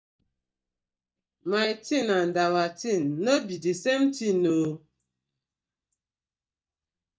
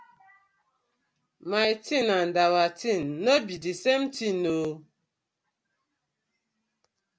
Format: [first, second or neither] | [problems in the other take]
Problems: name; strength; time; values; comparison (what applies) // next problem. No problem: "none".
second | noise reduction (neural mask model DeepFilterNet 3)